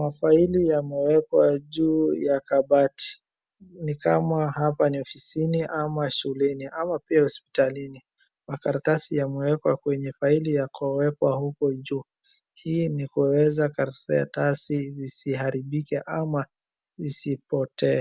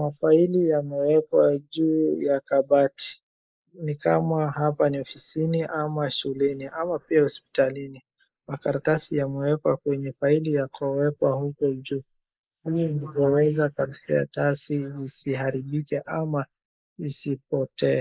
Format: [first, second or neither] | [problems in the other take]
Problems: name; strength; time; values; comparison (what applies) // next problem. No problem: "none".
first | noise reduction (neural mask model Resemble Enhance denoiser)